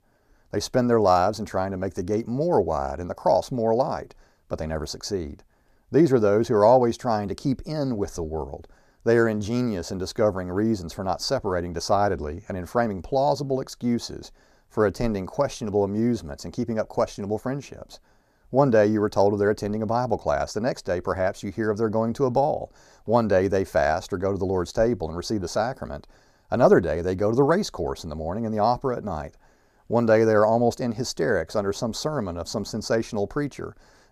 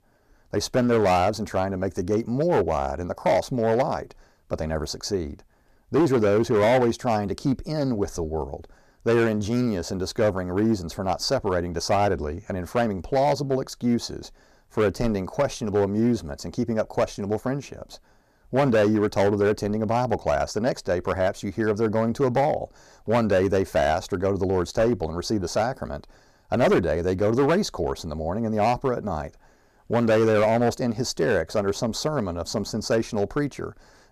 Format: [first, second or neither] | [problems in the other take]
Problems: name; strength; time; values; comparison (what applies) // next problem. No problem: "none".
first | distortion; slight; 5% of the sound clipped